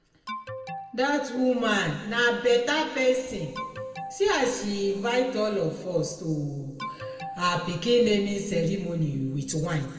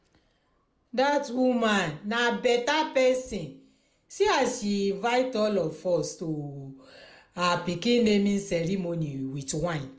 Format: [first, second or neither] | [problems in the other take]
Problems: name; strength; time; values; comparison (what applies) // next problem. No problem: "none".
second | background sound (Alarm); 13 dB below the speech // room echo; dies away in 1.6 s